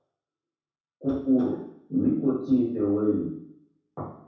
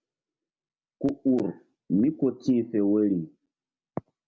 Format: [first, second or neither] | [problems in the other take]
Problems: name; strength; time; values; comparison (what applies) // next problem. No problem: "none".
second | room echo; dies away in 0.7 s